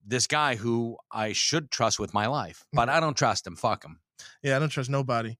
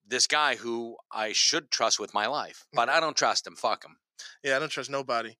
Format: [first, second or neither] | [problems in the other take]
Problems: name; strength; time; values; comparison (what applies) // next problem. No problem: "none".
first | thin; somewhat; fading below 400 Hz